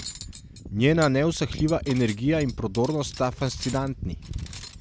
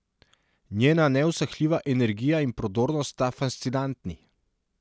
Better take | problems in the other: second | background sound (Cutlery, silverware); 11 dB below the speech

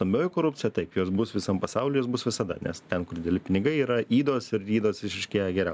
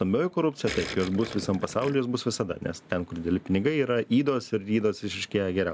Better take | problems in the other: first | background sound (Gurgling); 12 dB below the speech

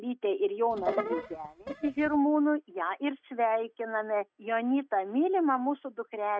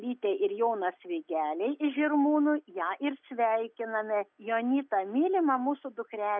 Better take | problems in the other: second | noise reduction (neural mask model RNNoise)

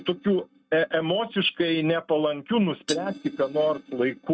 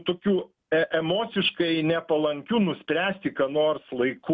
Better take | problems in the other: second | noise reduction (neural mask model RNNoise)

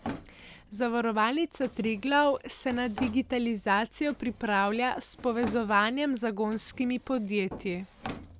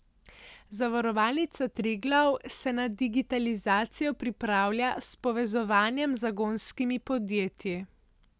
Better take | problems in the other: second | background sound (Drawer open or close); 16 dB below the speech

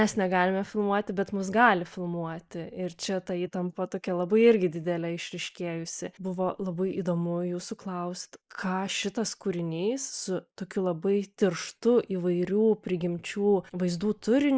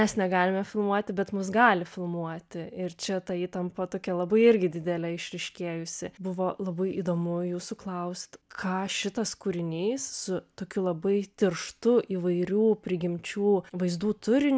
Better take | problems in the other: second | noise reduction (neural mask model Resemble Enhance denoiser)

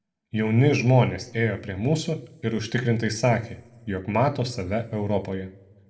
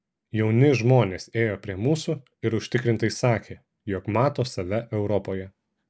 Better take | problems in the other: second | room echo; dies away in 0.4 s

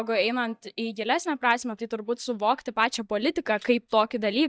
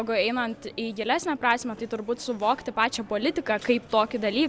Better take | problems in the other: second | noise reduction (neural mask model DeepFilterNet 3)

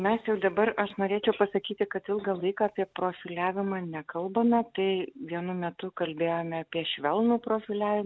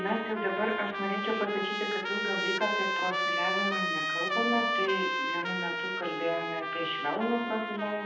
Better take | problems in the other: first | background sound (Trumpet); 1 dB above the speech // room echo; dies away in 0.8 s

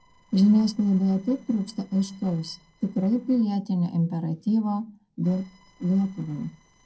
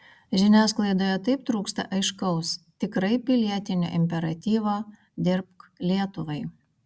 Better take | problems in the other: second | noise reduction (neural separator model SepFormer DNS4)

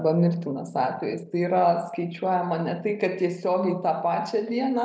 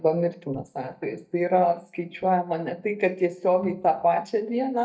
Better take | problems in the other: first | noise reduction (neural mask model DeepFilterNet 3)

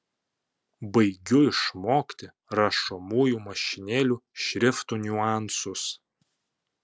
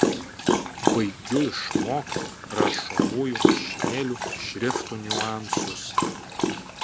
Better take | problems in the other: first | background sound (Dog); 4 dB above the speech

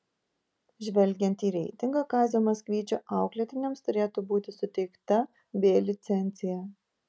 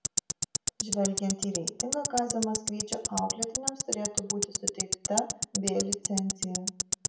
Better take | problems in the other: first | background sound (Tick-tock); 1 dB above the speech // room echo; dies away in 0.5 s

